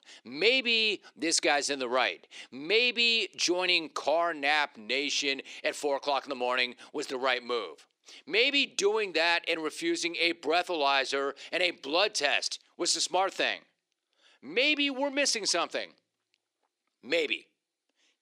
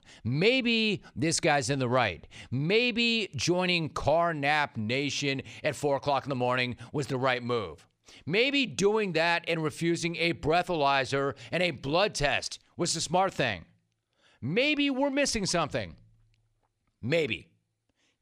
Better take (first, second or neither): second